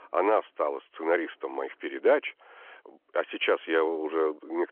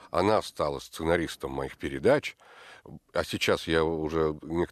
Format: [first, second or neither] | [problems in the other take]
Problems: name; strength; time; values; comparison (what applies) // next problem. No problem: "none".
second | phone-call audio; nothing above 3 kHz